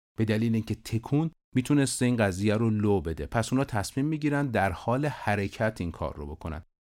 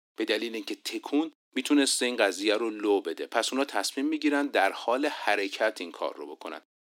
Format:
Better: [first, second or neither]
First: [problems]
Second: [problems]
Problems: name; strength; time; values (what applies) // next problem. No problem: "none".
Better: first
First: none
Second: thin; very slightly; fading below 300 Hz